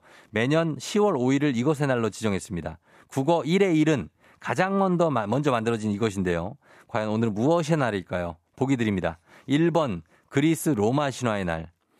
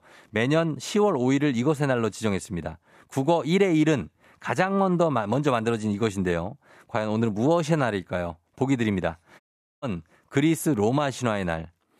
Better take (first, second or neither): first